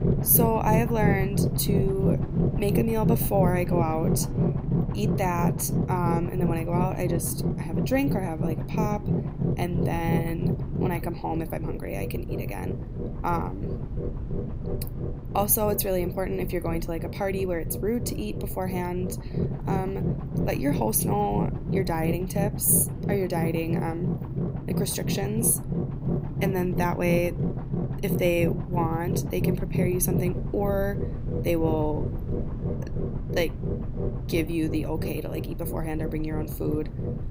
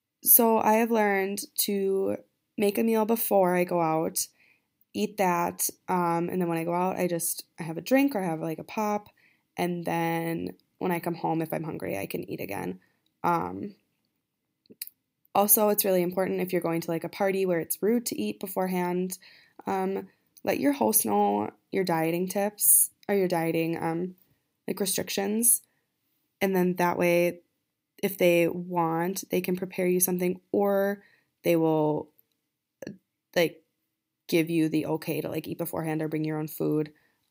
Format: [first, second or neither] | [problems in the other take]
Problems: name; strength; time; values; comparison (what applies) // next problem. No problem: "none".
second | low rumble; loud; throughout; 6 dB below the speech